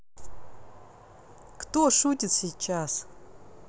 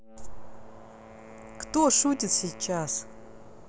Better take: first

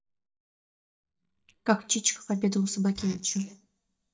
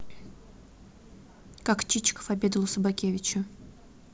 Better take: second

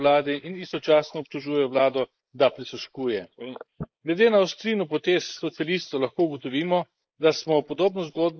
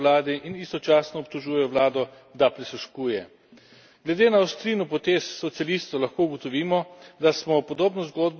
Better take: second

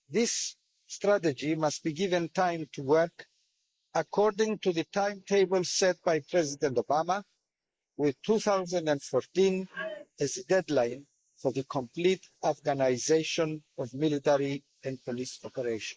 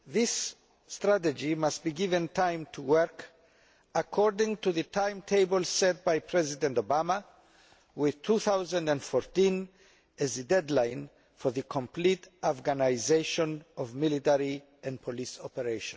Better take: second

